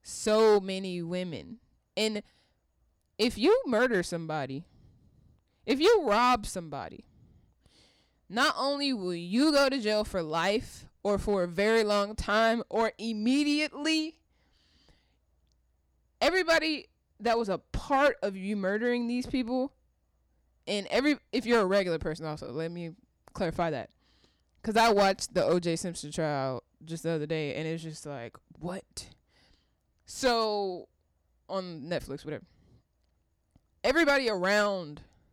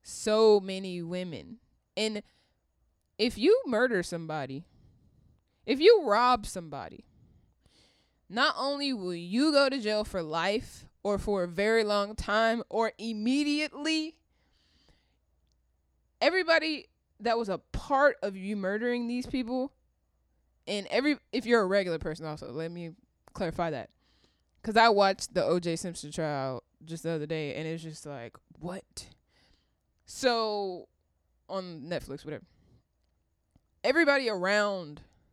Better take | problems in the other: second | distortion; slight; 3% of the sound clipped

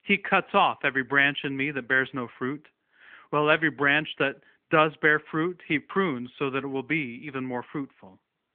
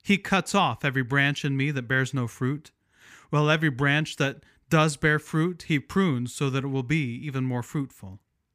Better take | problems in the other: second | phone-call audio; nothing above 3.5 kHz

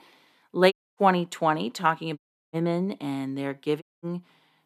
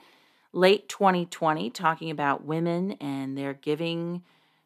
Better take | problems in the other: second | audio cutting out; at 0.5 s, at 2 s and at 4 s

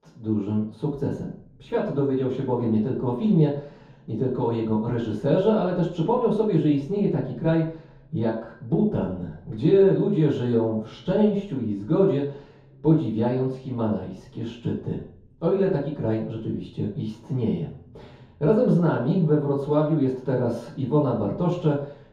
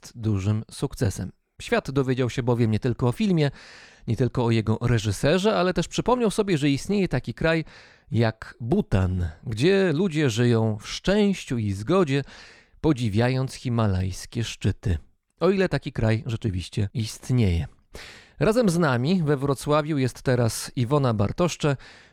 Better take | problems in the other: second | room echo; noticeable; dies away in 0.6 s // off-mic speech; far

